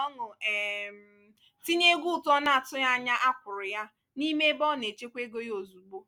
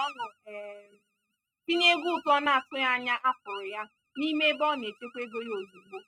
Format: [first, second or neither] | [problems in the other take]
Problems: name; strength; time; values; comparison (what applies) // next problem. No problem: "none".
first | noise reduction (neural mask model RNNoise)